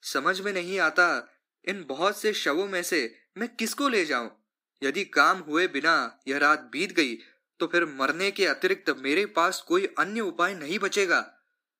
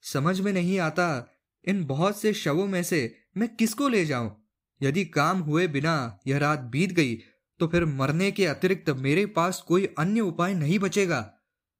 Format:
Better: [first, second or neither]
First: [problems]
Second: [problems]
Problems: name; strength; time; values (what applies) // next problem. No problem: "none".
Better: second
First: thin; somewhat; fading below 250 Hz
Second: none